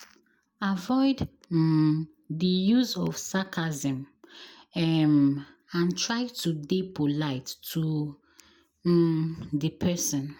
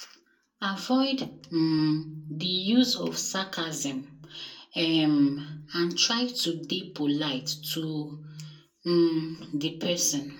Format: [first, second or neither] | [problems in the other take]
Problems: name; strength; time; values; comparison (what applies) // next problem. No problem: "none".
first | room echo; dies away in 0.2 s